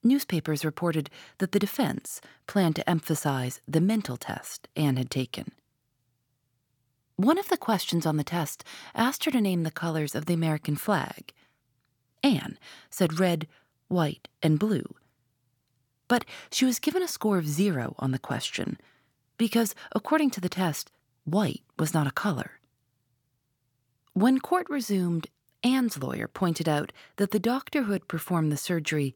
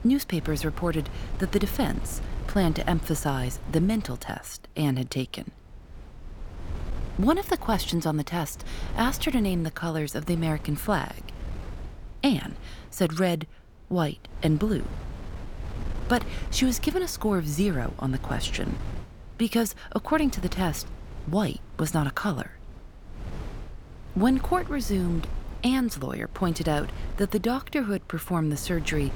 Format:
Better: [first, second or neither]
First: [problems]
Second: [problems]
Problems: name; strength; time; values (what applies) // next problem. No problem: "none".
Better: first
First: none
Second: wind noise on the microphone; occasional gusts; 15 dB below the speech